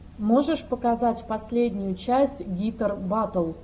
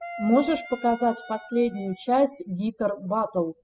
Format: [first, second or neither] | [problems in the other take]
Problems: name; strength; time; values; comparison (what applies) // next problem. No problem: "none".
first | noise reduction (classical method spectral subtraction)